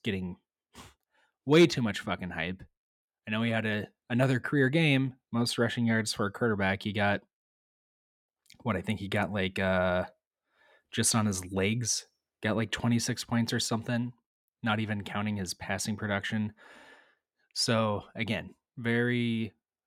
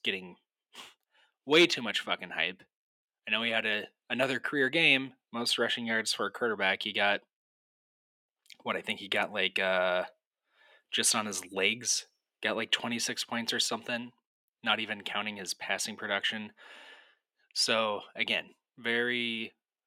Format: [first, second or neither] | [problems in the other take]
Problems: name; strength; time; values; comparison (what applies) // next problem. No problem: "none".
first | thin; somewhat; fading below 350 Hz